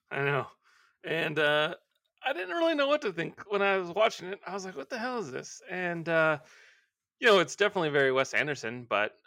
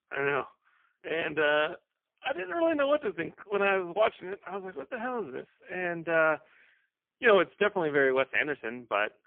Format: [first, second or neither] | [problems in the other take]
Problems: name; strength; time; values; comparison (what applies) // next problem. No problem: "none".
first | phone-call audio; poor line; nothing above 3 kHz